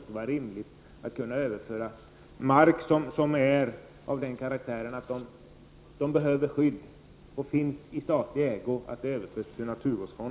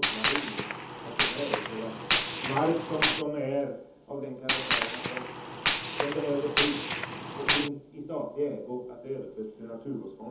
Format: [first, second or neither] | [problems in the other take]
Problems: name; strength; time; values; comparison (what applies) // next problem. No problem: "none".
first | background sound (Gunshot, gunfire); 4 dB above the speech // room echo; dies away in 0.7 s